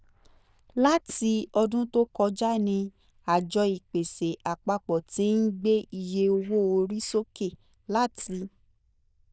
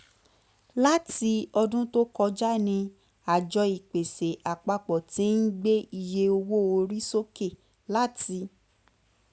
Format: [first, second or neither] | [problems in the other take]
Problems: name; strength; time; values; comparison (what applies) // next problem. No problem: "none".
second | noise reduction (neural diffusion model UNIVERSE++)